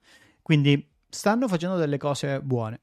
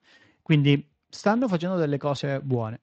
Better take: first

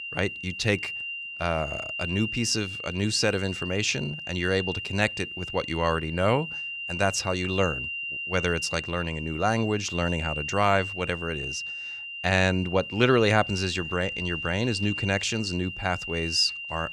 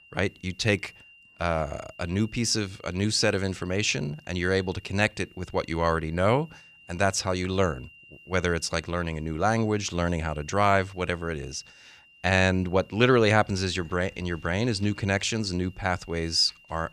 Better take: second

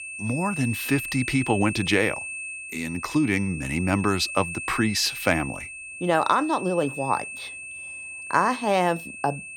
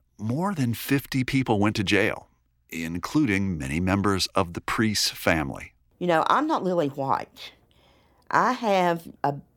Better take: second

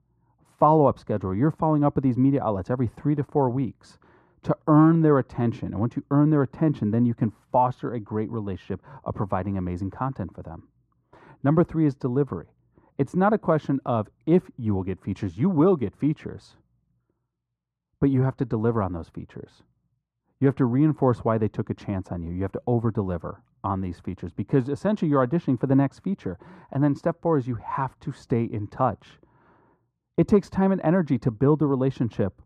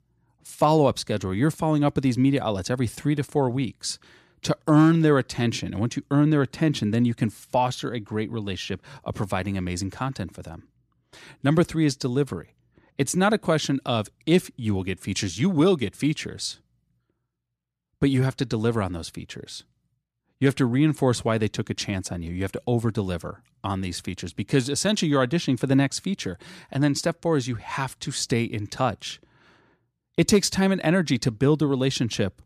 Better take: second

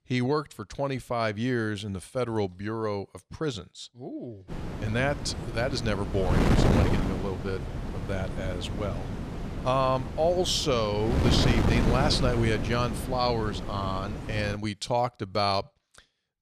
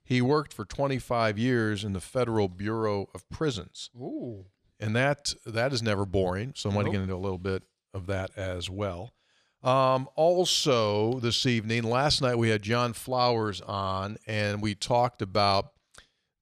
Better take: second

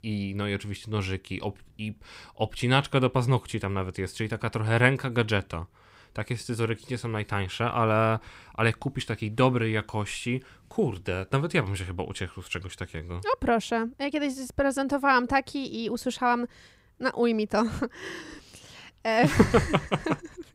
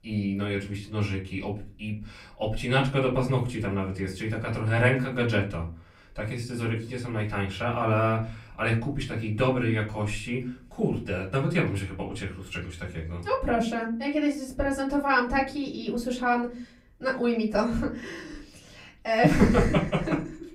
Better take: first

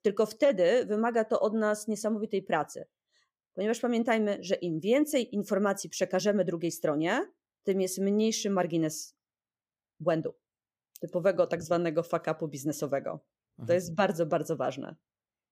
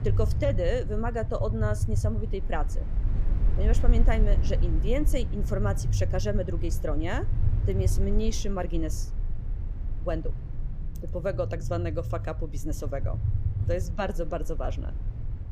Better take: first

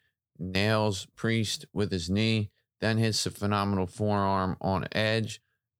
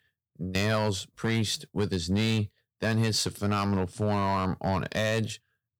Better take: first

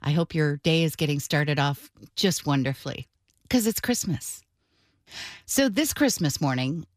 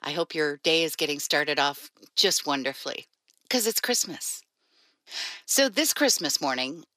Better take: first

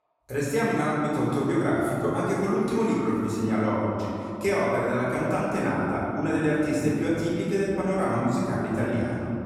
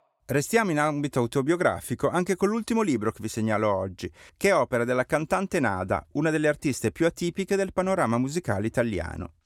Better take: second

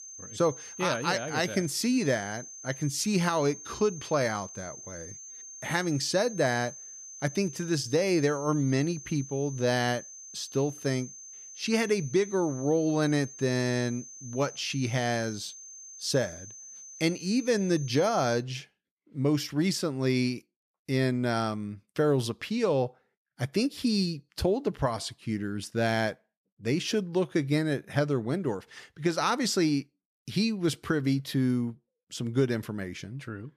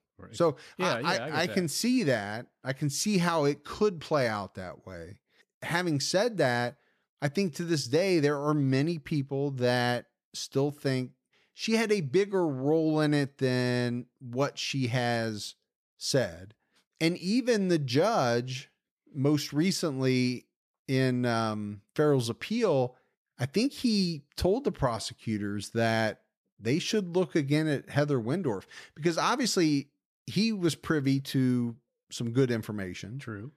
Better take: second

